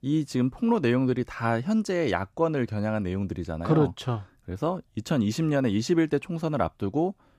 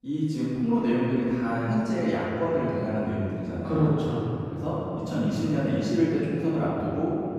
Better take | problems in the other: first | room echo; strong; dies away in 3 s // off-mic speech; far

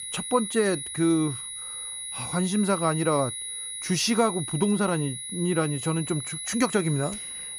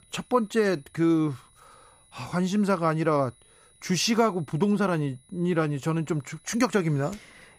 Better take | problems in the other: second | high-pitched whine; loud; throughout; 10.5 kHz, 6 dB below the speech; faint in the second

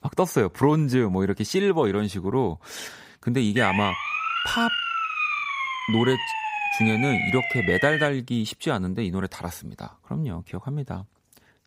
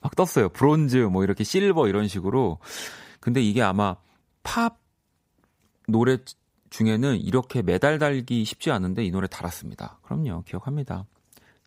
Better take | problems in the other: second | siren; loud; from 3.5 to 8 s; peak 1 dB above the speech

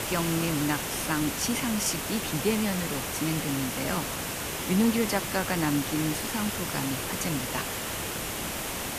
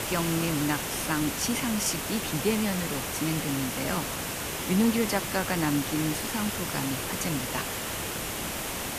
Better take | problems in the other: neither | hiss; loud; throughout; 1 dB below the speech; the same in both

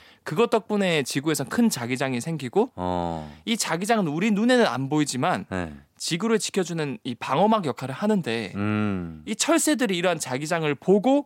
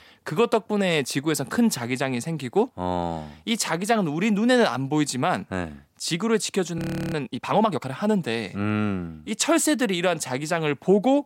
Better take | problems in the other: first | audio freezing; at 7 s

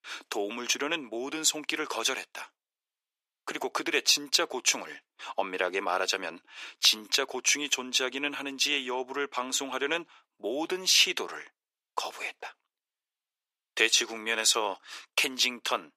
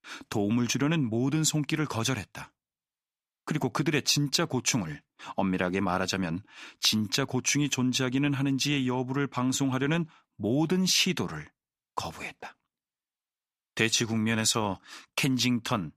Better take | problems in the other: second | thin; very; fading below 400 Hz

